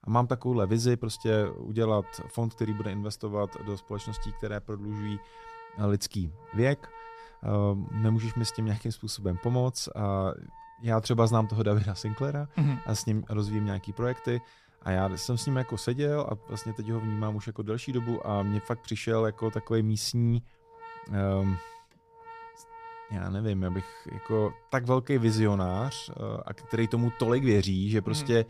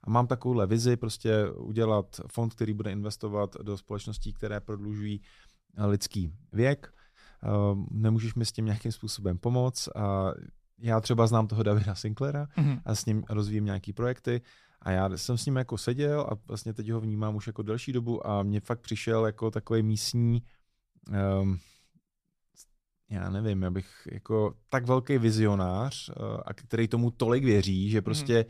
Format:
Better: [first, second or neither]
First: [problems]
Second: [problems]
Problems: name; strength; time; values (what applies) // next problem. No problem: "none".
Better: second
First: background music; noticeable; throughout; 20 dB below the speech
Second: none